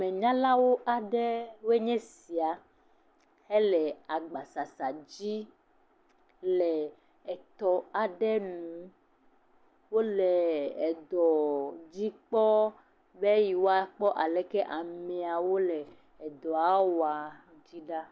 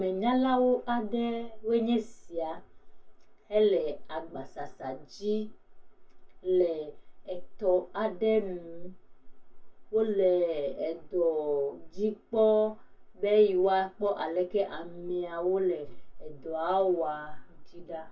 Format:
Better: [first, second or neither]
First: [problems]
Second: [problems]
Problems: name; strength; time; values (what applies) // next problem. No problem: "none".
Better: first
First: none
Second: room echo; dies away in 0.1 s